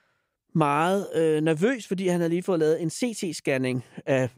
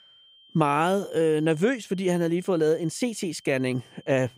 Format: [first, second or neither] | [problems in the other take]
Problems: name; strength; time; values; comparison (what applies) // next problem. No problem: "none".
first | high-pitched whine; faint; throughout; 3 kHz, 30 dB below the speech